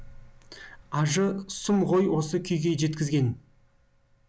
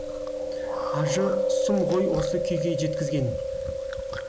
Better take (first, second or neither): first